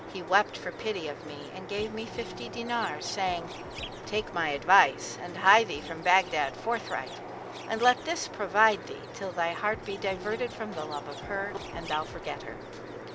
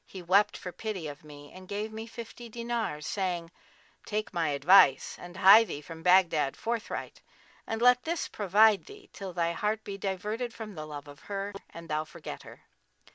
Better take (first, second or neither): second